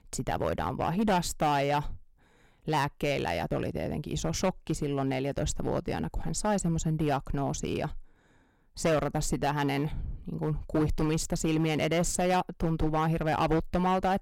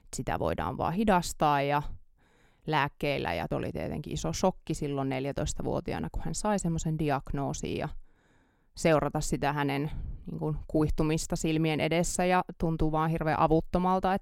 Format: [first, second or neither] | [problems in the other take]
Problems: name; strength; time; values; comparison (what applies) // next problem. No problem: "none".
second | distortion; slight; 6% of the sound clipped